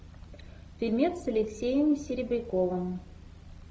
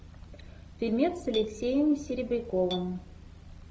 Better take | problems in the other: first | background sound (Chink, clink); 19 dB below the speech

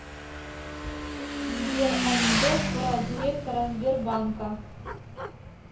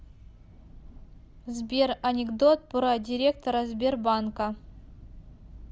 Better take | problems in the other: second | background sound (Motorcycle / Engine); as loud as the speech // room echo; dies away in 0.5 s

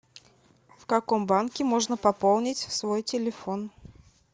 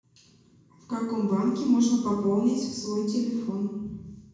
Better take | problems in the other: first | room echo; dies away in 1.1 s

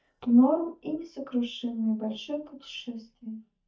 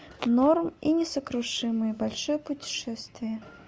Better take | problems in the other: second | noise reduction (neural mask model DeepFilterNet 3)

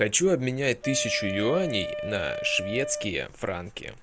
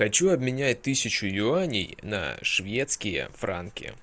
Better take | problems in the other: second | background sound (Wind instrument, woodwind instrument); 6 dB below the speech

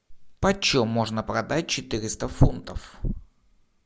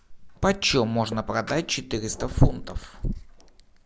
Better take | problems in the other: first | background sound (Fire); 13 dB below the speech

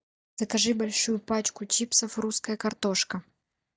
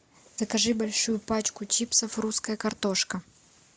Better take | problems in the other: second | noise reduction (neural mask model DeepFilterNet 3)

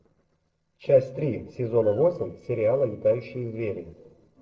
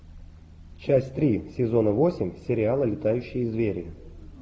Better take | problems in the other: second | noise reduction (neural separator model SepFormer DNS4)

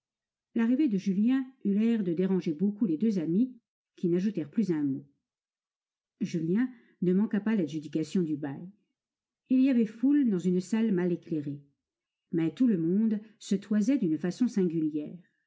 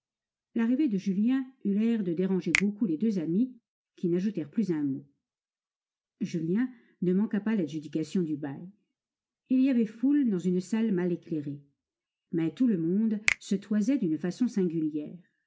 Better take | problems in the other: first | background sound (Finger snapping); 8 dB below the speech

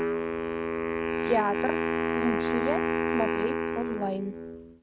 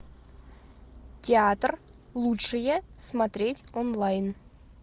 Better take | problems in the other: second | noise reduction (neural mask model RNNoise)

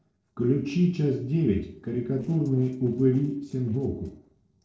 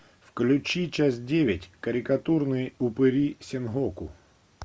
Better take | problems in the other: second | noise reduction (neural separator model SepFormer DNS4)

